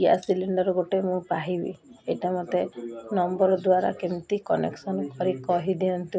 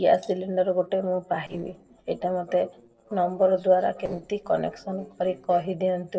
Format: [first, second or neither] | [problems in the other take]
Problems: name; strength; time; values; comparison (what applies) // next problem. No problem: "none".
first | noise reduction (neural separator model SepFormer DNS4)